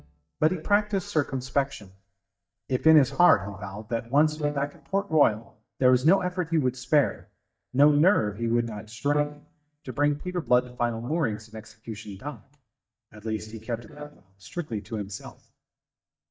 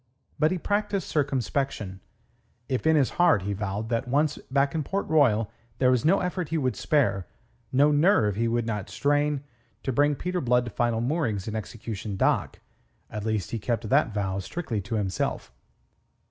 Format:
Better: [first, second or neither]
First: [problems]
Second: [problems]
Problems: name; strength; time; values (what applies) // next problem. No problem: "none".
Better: second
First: noise reduction (neural mask model DeepFilterNet 3)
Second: none